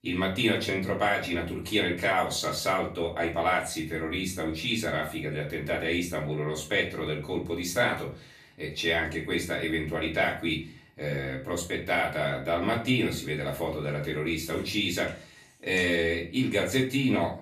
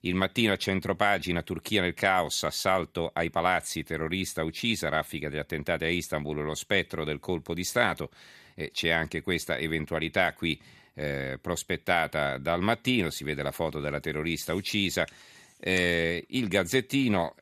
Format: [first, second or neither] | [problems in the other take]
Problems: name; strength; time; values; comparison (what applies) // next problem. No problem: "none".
second | room echo; slight; dies away in 0.3 s // off-mic speech; far